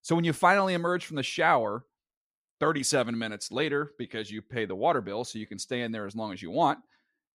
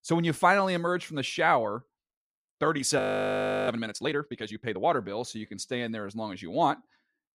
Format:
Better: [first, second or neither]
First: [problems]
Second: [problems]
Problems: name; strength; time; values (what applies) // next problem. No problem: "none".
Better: first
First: none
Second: audio freezing; at 3 s for 0.5 s